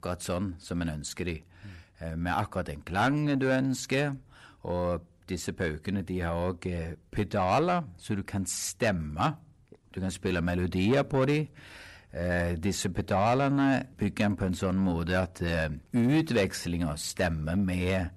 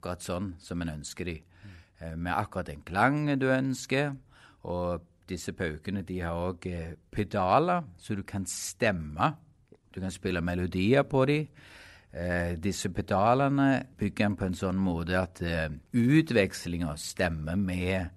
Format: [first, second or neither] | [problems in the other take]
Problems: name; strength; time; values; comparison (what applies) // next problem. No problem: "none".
second | distortion; slight; 10 dB below the speech